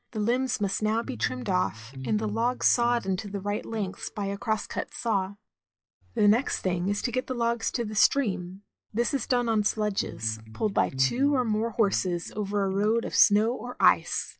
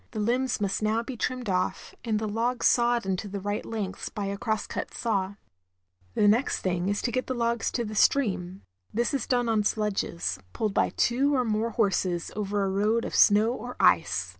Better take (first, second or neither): second